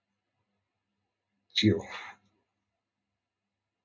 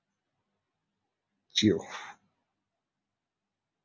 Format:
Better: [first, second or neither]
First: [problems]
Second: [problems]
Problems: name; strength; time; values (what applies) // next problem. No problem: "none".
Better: second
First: room echo; dies away in 0.2 s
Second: none